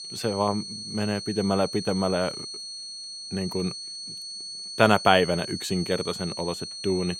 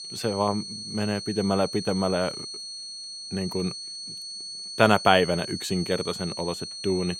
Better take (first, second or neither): neither